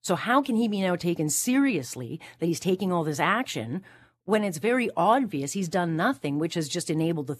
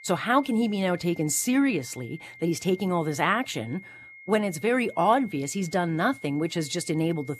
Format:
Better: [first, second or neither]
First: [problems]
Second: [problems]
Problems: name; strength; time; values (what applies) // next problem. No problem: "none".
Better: first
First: none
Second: high-pitched whine; noticeable; throughout; 2 kHz, 20 dB below the speech